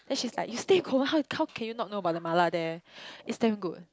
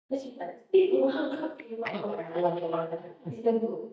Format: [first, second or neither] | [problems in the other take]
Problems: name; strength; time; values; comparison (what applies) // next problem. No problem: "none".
first | noise reduction (neural mask model DeepFilterNet 3)